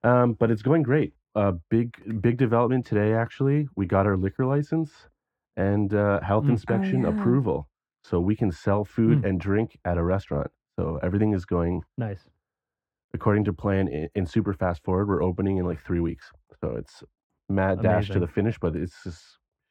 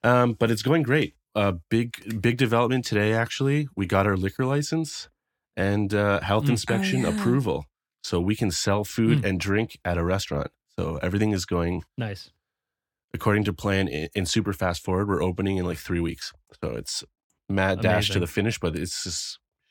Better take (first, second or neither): second